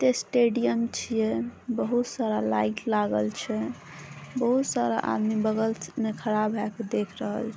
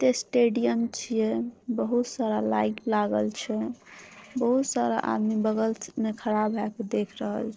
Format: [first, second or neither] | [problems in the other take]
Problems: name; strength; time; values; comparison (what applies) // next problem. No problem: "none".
first | noise reduction (neural separator model SepFormer DNS4)